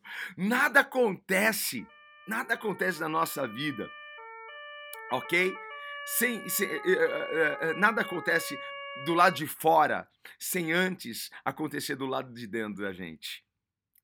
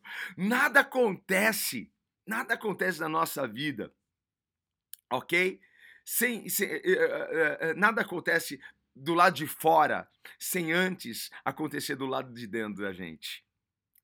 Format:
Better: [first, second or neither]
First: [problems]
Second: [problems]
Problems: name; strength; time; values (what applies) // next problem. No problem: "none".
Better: second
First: siren; faint; from 2 to 9.5 s; peak 10 dB below the speech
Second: none